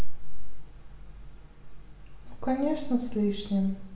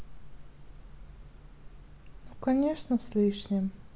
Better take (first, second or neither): second